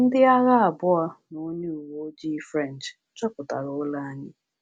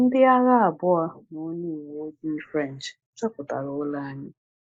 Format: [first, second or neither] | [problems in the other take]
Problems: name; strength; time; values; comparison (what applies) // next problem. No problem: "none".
first | noise reduction (neural mask model Resemble Enhance denoiser)